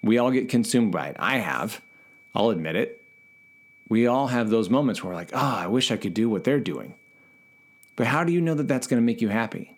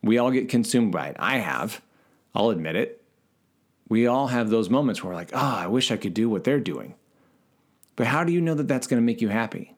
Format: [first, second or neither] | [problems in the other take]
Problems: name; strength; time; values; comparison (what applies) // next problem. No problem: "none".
second | high-pitched whine; faint; throughout; 2.5 kHz, 30 dB below the speech